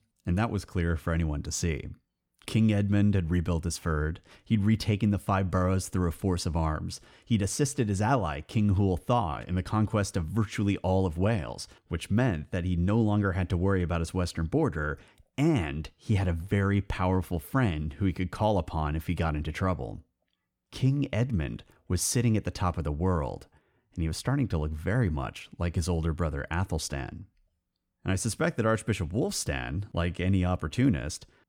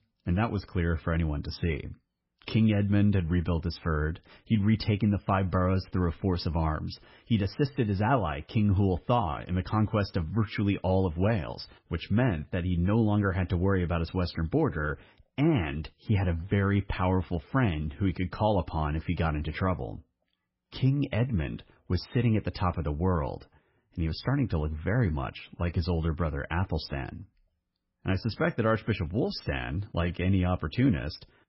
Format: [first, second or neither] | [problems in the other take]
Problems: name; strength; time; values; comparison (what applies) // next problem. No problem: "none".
first | garbled, watery; badly; nothing above 5.5 kHz